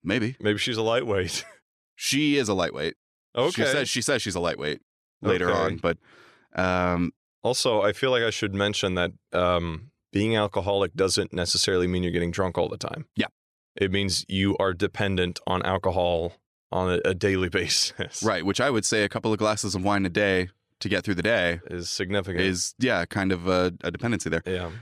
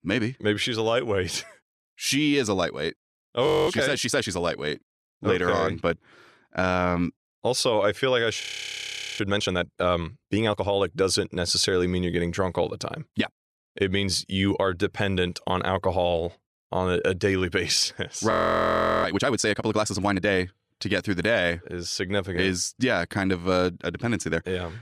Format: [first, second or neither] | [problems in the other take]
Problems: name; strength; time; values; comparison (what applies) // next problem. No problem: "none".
first | audio freezing; at 3.5 s, at 8.5 s for 1 s and at 18 s for 0.5 s